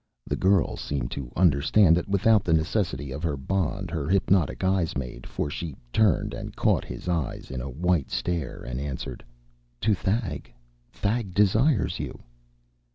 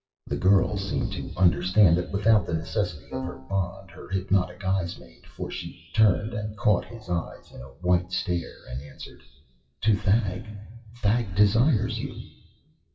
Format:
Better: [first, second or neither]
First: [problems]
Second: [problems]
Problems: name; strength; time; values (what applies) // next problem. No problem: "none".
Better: first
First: none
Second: noise reduction (classical method WPE with log-MMSE)